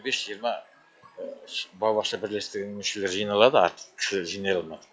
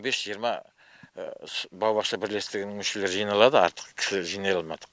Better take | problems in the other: second | noise reduction (classical method log-MMSE)

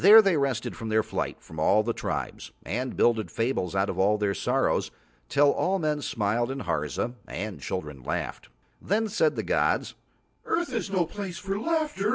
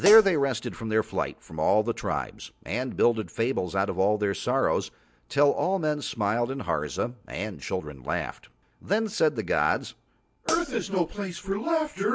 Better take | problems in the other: first | background sound (Hi-hat); 8 dB below the speech

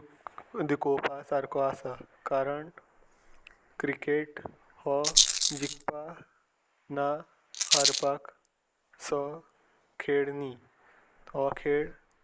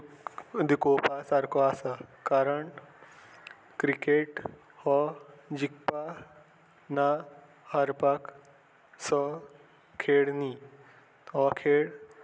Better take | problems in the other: second | noise reduction (neural mask model Resemble Enhance denoiser)

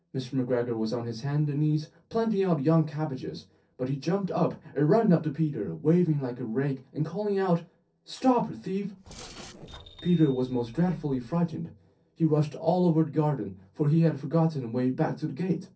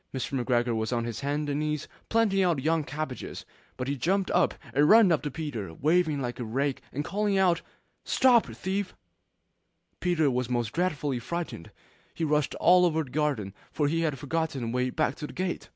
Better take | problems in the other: second | noise reduction (neural separator model SepFormer DNS4)

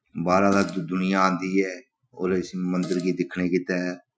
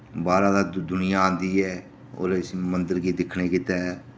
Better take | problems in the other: second | noise reduction (classical method Wiener filter)

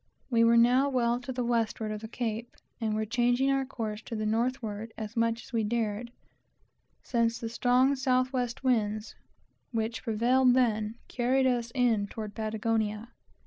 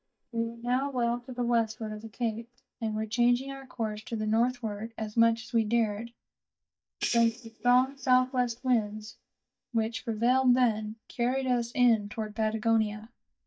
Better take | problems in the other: first | noise reduction (neural mask model DeepFilterNet 3)

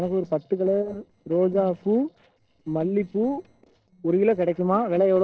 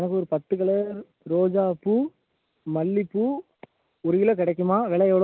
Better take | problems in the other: second | noise reduction (neural separator model SepFormer DNS4)

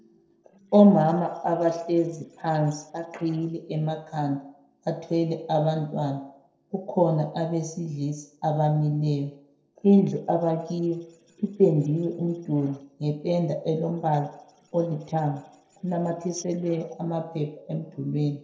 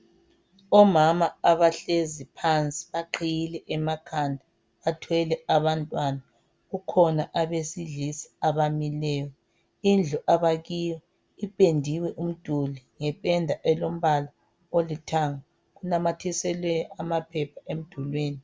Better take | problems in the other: second | noise reduction (neural separator model SepFormer DNS4)

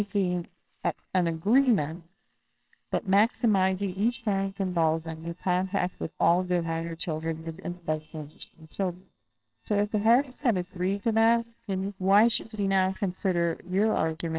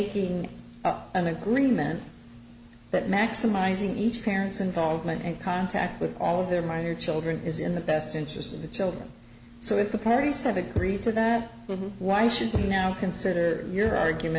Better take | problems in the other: second | noise reduction (neural separator model SepFormer WHAMR!)

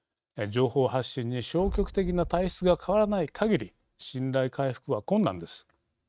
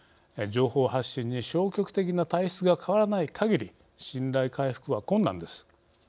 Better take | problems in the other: second | noise reduction (neural mask model RNNoise)

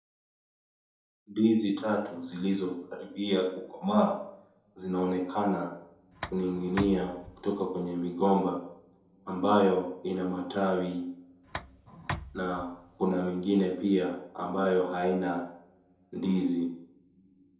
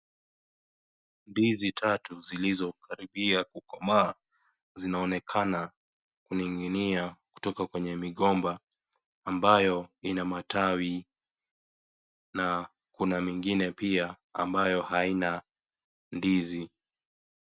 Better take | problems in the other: second | background sound (Tick); 11 dB below the speech // room echo; dies away in 2.6 s

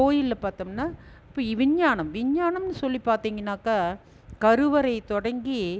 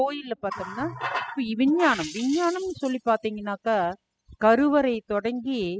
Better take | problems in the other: first | noise reduction (classical method spectral subtraction)

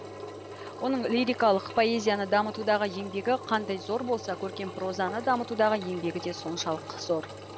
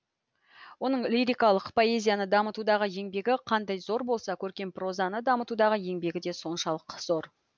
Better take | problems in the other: second | background sound (Engine); 12 dB below the speech

